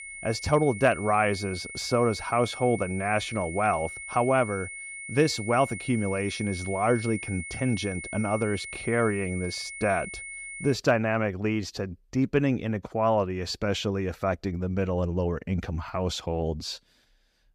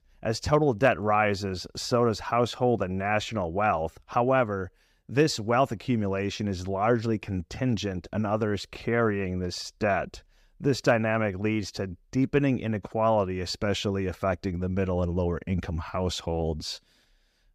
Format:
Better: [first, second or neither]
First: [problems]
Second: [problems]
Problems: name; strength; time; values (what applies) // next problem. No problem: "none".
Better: second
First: high-pitched whine; loud; until 11 s; 2 kHz, 10 dB below the speech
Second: none